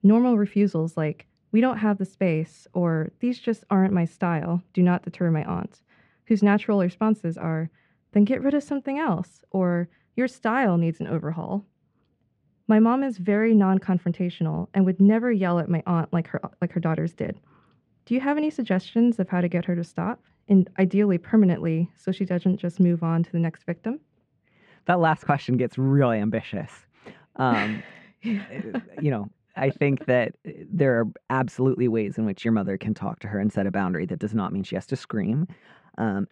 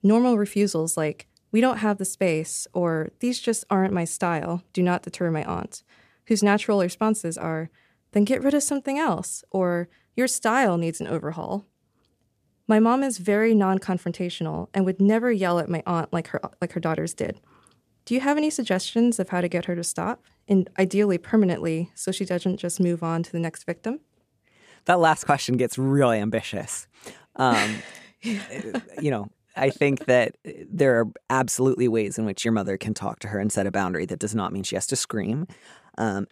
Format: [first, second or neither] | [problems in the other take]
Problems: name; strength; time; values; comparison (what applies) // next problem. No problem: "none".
second | muffled; very; fading above 2.5 kHz